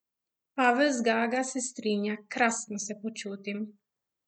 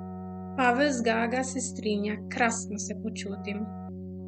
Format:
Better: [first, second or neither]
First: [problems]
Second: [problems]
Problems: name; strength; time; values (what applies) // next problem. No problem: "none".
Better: first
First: none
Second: background sound (Keyboard (musical)); 8 dB below the speech